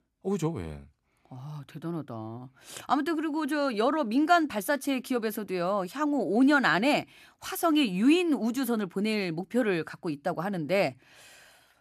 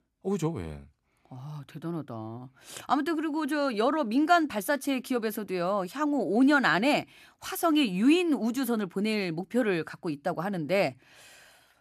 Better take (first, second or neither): neither